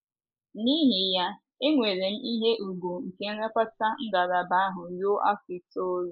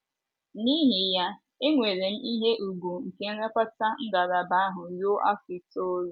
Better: second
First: noise reduction (neural mask model Resemble Enhance denoiser)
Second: none

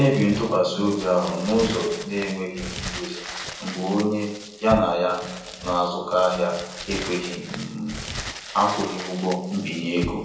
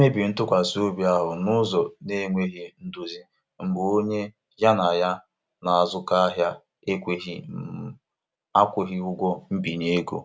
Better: second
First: background sound (Crumpling, crinkling); 11 dB below the speech // room echo; dies away in 0.9 s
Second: none

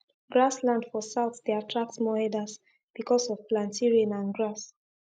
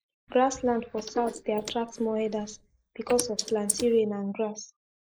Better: first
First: none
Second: noise reduction (neural mask model Resemble Enhance denoiser)

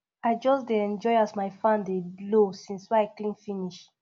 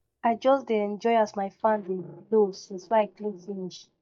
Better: first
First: none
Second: noise reduction (neural mask model DeepFilterNet 3)

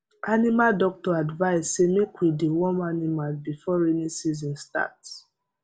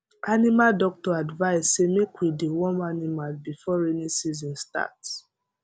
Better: second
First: room echo; dies away in 0.2 s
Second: none

